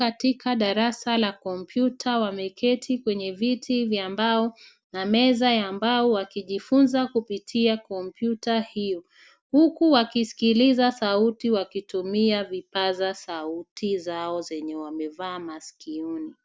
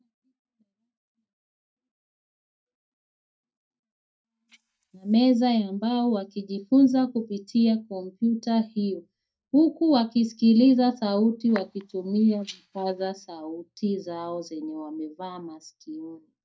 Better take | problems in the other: first | noise reduction (neural mask model DeepFilterNet 3)

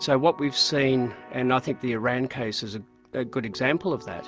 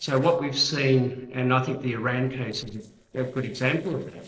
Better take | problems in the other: first | noise reduction (neural separator model SepFormer DNS4)

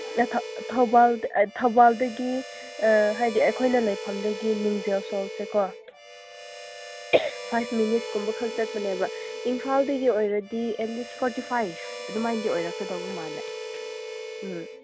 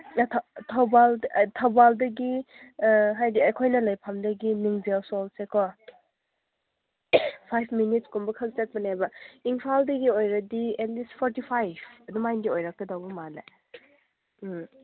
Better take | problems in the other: second | background sound (Harmonica); 11 dB below the speech

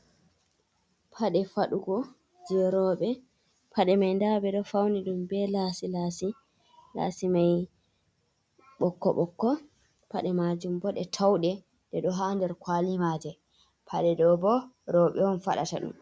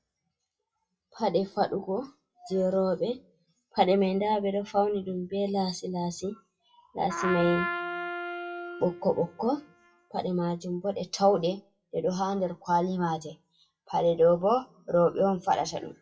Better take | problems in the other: first | noise reduction (classical method WPE with log-MMSE)

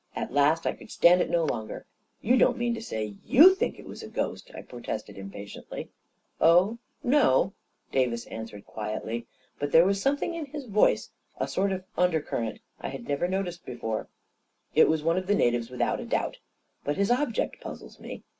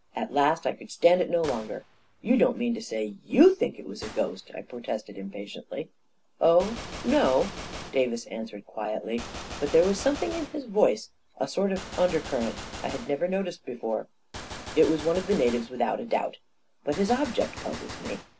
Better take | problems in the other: first | background sound (Gunshot, gunfire); 15 dB below the speech

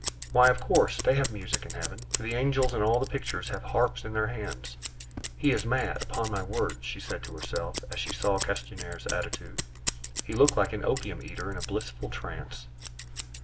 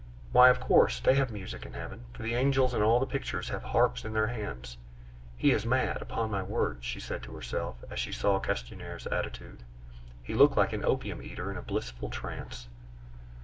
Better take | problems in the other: second | background sound (Scissors); 10 dB below the speech

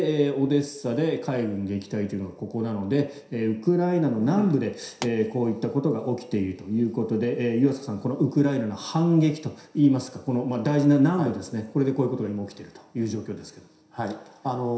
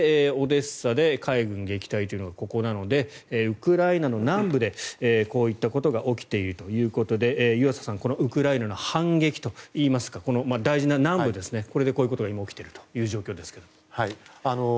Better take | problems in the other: second | background sound (Explosion); 17 dB below the speech // room echo; dies away in 0.7 s

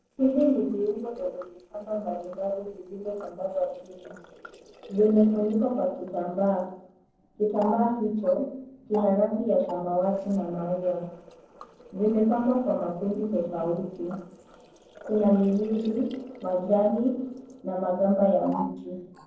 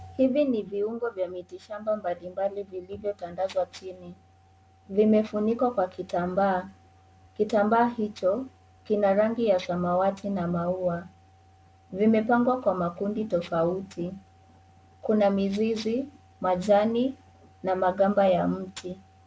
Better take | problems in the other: second | noise reduction (neural separator model SepFormer DNS4)

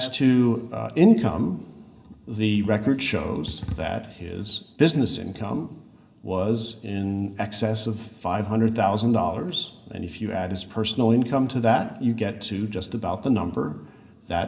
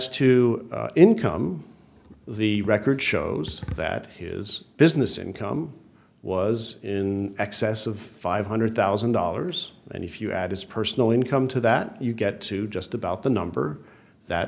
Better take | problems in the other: second | room echo; dies away in 1.7 s

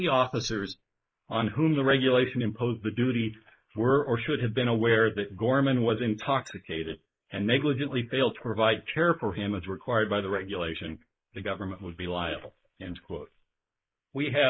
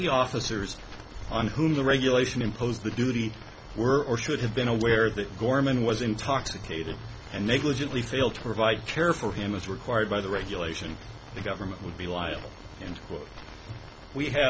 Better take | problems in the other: second | noise reduction (neural mask model Resemble Enhance denoiser)

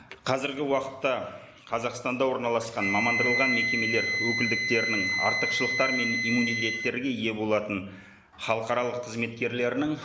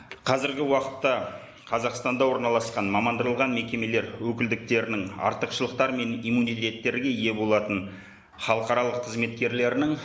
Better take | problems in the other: second | background sound (Wind instrument, woodwind instrument); 3 dB below the speech

